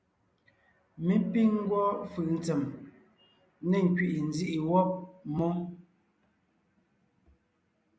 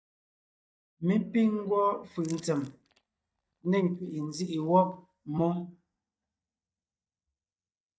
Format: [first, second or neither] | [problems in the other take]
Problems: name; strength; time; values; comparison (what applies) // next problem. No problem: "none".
first | noise reduction (neural mask model DeepFilterNet 3)